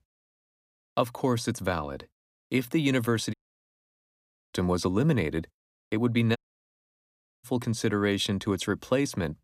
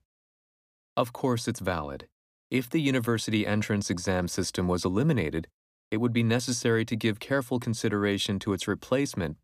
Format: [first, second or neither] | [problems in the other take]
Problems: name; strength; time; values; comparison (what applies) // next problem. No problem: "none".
second | audio cutting out; at 3.5 s for 1 s and at 6.5 s for 1 s